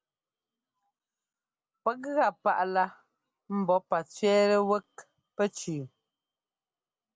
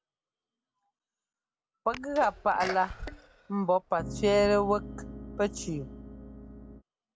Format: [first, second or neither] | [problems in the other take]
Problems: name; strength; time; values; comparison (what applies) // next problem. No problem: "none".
first | background sound (Sneeze + Piano); 10 dB below the speech